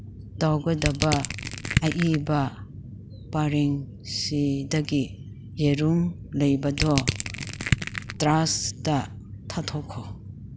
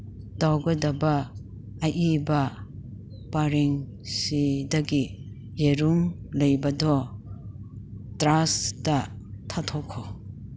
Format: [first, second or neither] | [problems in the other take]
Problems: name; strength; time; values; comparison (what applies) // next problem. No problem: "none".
second | background sound (Crushing); 3 dB below the speech